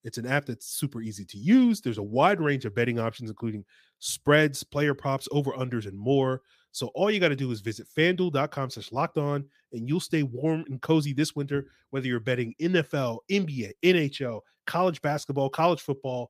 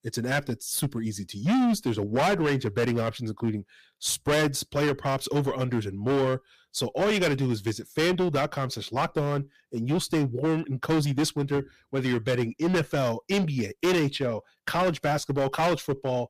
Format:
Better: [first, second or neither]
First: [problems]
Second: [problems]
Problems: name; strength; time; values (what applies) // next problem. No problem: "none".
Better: first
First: none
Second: distortion; heavy; 13% of the sound clipped